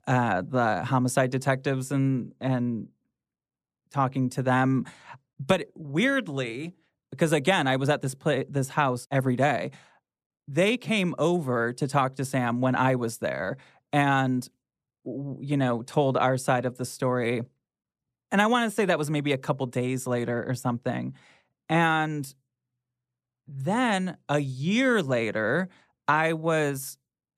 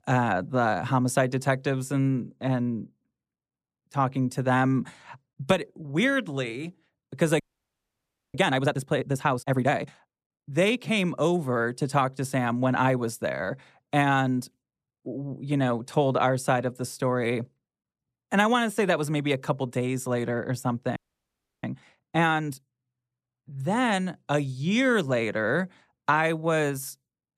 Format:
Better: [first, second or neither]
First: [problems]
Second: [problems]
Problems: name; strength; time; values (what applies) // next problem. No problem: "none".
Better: first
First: none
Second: audio freezing; at 7.5 s for 1 s and at 21 s for 0.5 s